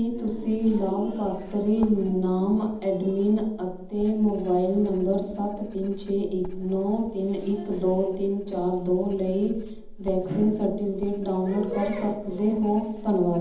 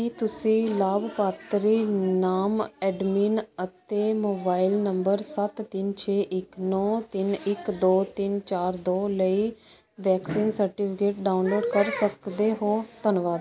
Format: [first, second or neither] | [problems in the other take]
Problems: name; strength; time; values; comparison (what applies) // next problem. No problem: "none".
second | background sound (Writing); 15 dB below the speech // room echo; dies away in 0.8 s